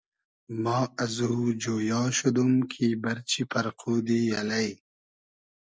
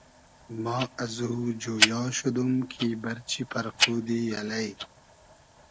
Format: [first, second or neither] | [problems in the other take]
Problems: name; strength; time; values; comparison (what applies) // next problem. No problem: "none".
first | background sound (Tick-tock); 3 dB below the speech